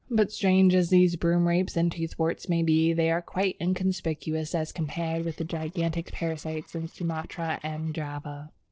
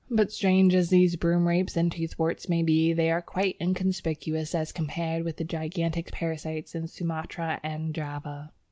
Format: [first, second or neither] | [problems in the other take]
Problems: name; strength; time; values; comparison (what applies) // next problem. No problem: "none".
second | noise reduction (neural separator model SepFormer DNS4)